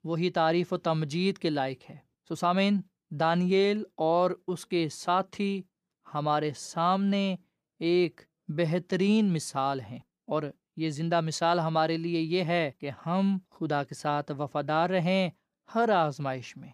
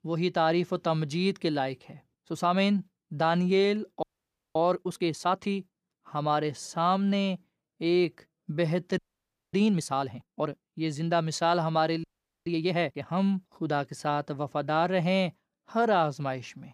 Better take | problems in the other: first | audio freezing; at 4 s for 0.5 s, at 9 s for 0.5 s and at 12 s

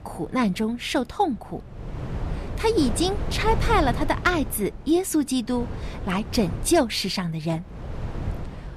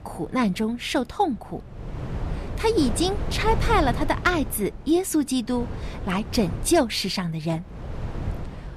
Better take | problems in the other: neither | wind noise on the microphone; occasional gusts; 15 dB below the speech; the same in both

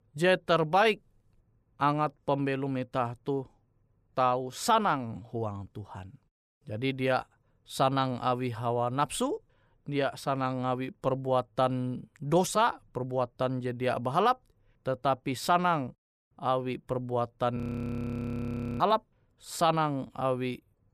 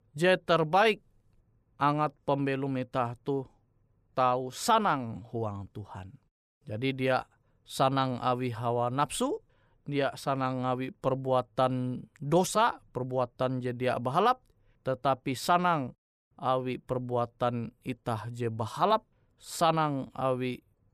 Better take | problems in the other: second | audio freezing; at 18 s for 1 s

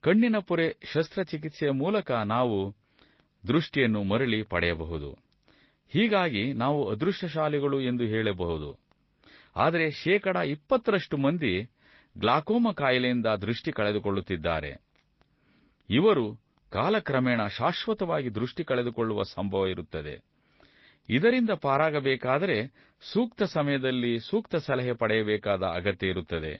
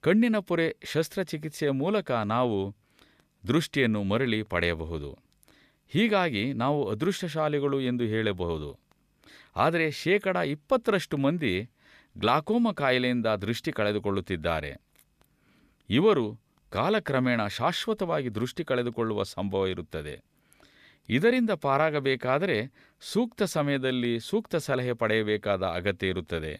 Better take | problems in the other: second | garbled, watery; slightly; nothing above 5.5 kHz

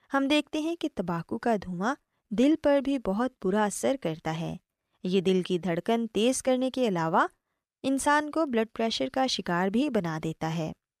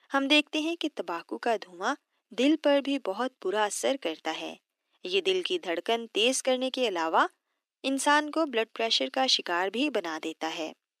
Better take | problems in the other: first | thin; very slightly; fading below 300 Hz

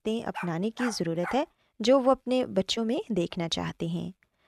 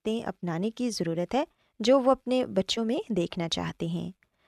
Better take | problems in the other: second | dog barking; noticeable; until 1.5 s; peak 10 dB below the speech

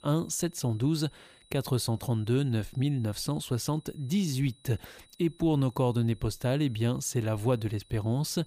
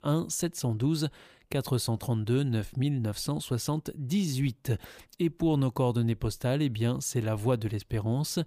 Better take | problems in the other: second | high-pitched whine; faint; throughout; 4 kHz, 30 dB below the speech

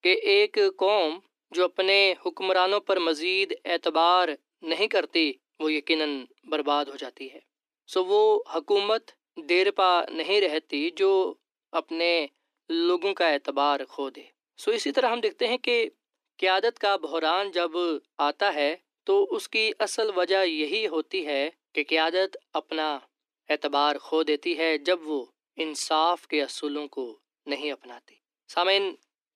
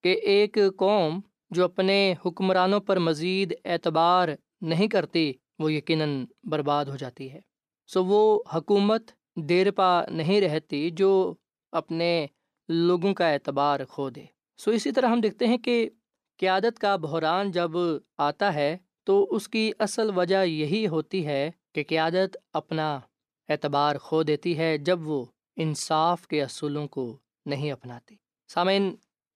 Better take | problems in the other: second | thin; somewhat; fading below 300 Hz

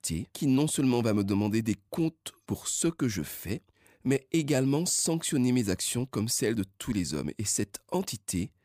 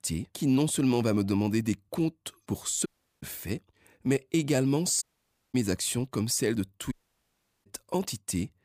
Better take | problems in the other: first | audio cutting out; at 3 s, at 5 s for 0.5 s and at 7 s for 0.5 s

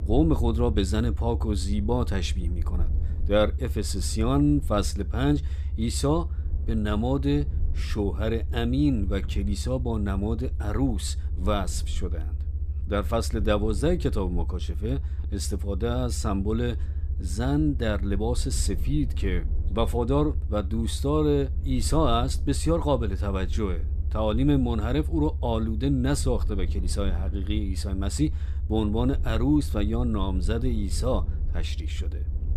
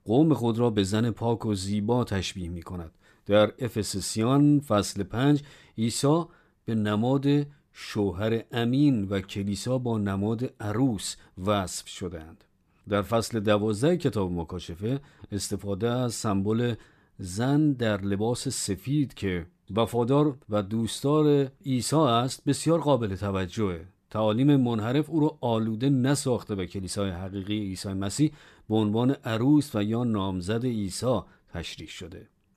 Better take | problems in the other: second | low rumble; noticeable; throughout; 20 dB below the speech

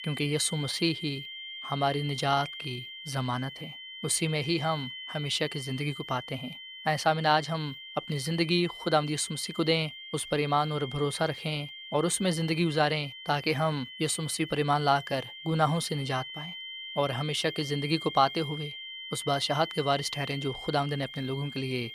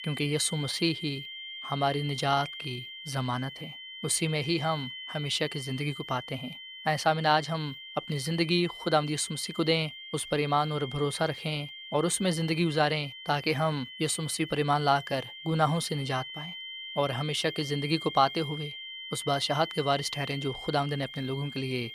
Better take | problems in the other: neither | high-pitched whine; noticeable; throughout; 3 kHz, 10 dB below the speech; the same in both

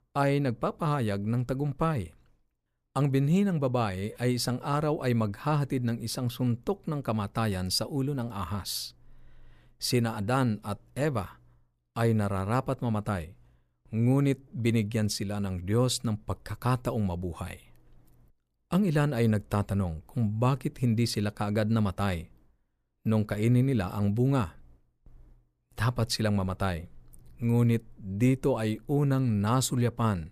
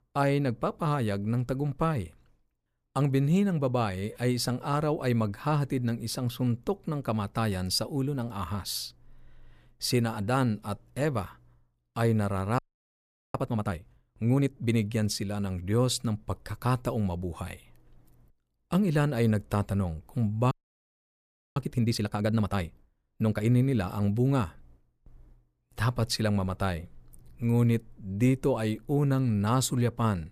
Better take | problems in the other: first | audio freezing; at 13 s for 1 s and at 21 s for 1 s

